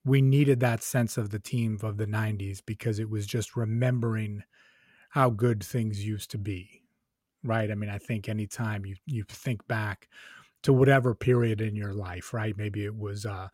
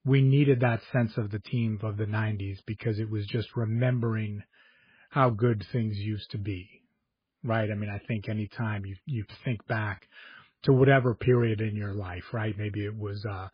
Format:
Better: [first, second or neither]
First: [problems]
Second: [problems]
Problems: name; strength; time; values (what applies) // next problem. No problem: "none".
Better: first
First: none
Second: garbled, watery; badly; nothing above 4 kHz